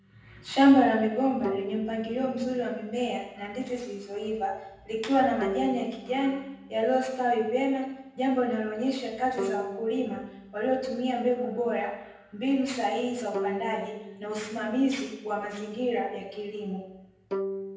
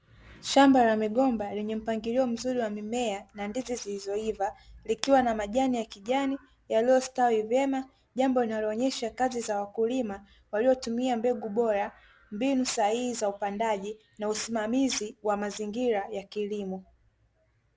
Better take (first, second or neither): second